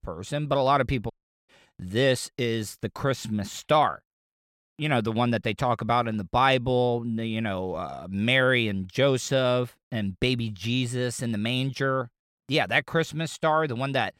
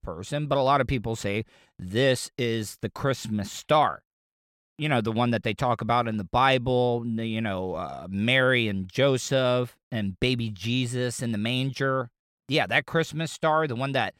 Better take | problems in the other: second | audio cutting out; at 1 s

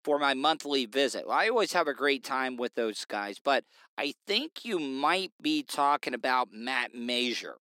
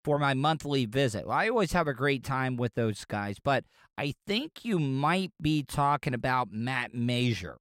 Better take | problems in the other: second | thin; somewhat; fading below 250 Hz

